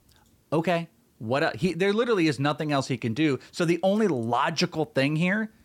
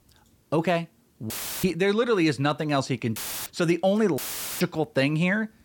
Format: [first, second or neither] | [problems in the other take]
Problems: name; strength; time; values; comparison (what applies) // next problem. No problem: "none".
first | audio cutting out; filled with static; at 1.5 s, at 3 s and at 4 s